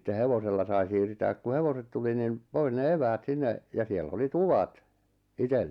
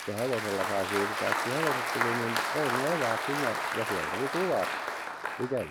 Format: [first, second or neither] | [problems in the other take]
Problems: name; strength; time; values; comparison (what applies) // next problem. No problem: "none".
first | background sound (Applause); 1 dB above the speech